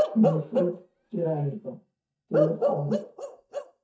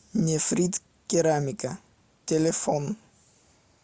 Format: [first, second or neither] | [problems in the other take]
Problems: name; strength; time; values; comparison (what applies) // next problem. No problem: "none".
second | noise reduction (neural mask model DeepFilterNet 3)